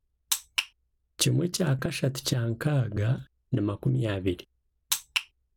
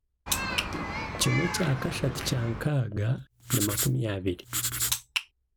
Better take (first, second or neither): first